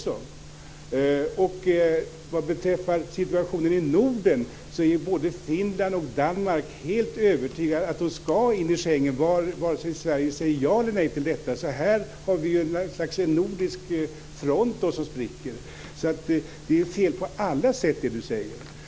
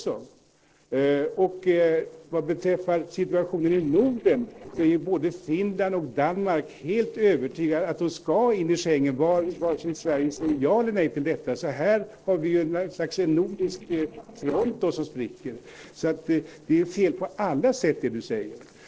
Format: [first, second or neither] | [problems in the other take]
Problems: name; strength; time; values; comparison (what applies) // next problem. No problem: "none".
first | noise reduction (neural separator model SepFormer DNS4)